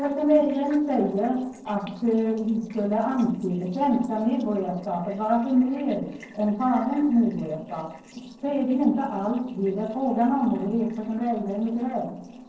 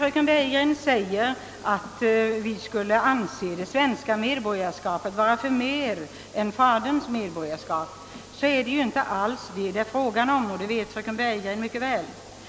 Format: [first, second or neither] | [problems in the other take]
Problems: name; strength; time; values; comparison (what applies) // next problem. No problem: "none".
second | noise reduction (neural separator model SepFormer DNS4)